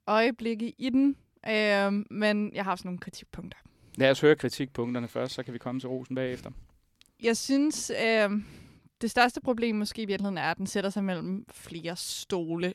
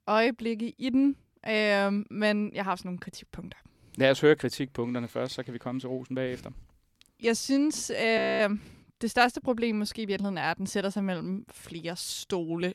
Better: first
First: none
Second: audio freezing; at 8 s

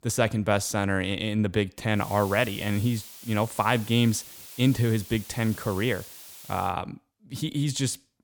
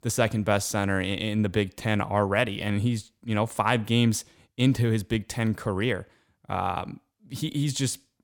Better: second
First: hiss; noticeable; from 2 to 6.5 s; 15 dB below the speech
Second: none

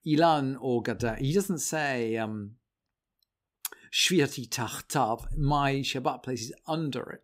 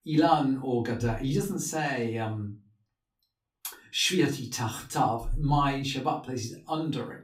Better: first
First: none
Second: off-mic speech; far // room echo; very slight; dies away in 0.3 s

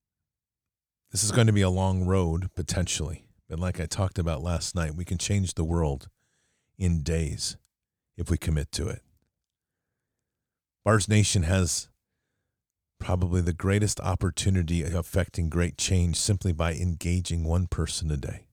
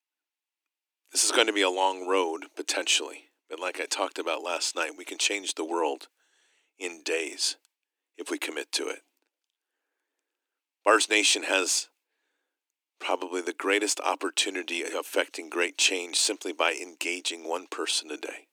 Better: first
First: none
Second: thin; very; fading below 300 Hz

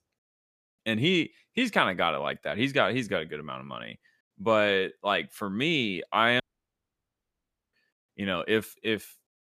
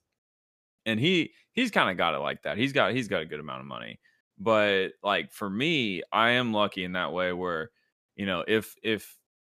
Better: second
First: audio cutting out; at 6.5 s for 1.5 s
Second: none

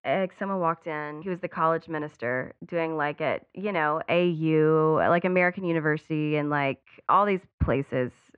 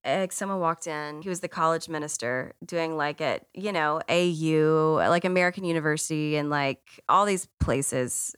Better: second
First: muffled; very; fading above 2.5 kHz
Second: none

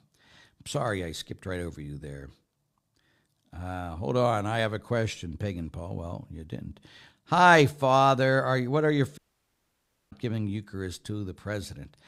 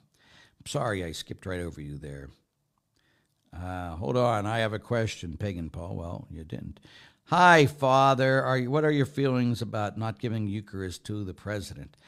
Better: second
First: audio cutting out; at 9 s for 1 s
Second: none

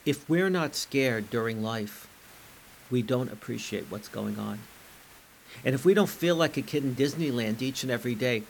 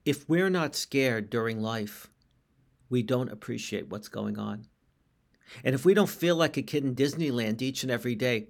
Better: second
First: hiss; faint; throughout; 20 dB below the speech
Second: none

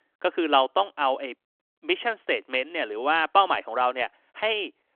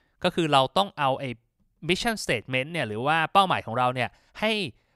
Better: second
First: phone-call audio; nothing above 3.5 kHz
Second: none

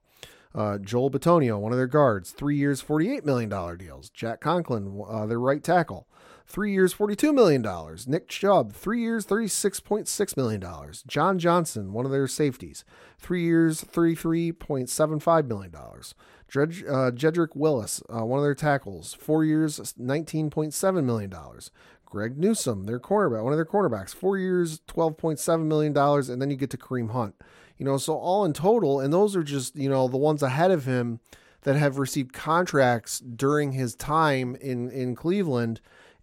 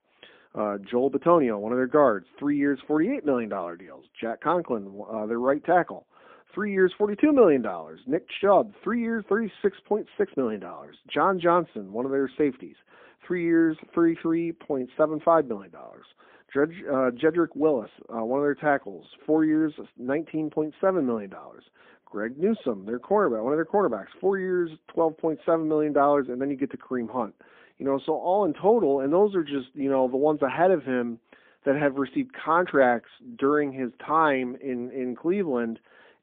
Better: first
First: none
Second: phone-call audio; poor line; nothing above 3.5 kHz

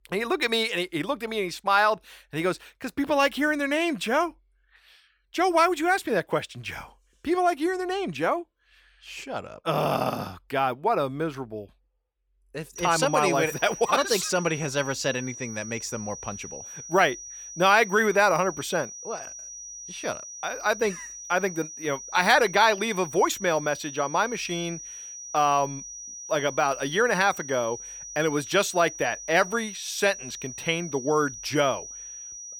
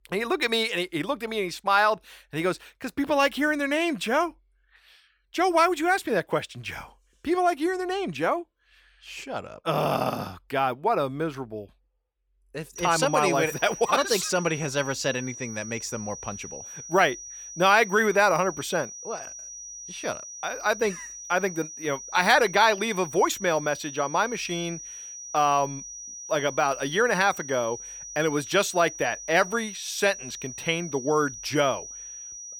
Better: neither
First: high-pitched whine; noticeable; from 13 s on; 6 kHz, 10 dB below the speech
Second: high-pitched whine; noticeable; from 13 s on; 6 kHz, 10 dB below the speech

